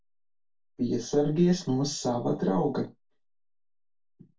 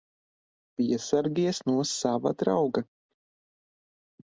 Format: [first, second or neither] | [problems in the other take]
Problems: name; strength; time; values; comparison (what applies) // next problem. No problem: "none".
second | room echo; dies away in 0.2 s